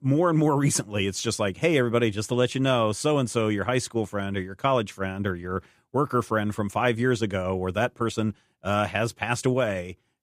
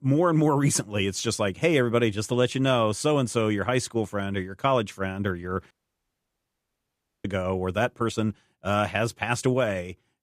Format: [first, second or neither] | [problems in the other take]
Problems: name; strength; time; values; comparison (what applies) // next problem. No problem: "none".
first | audio cutting out; at 5.5 s for 1.5 s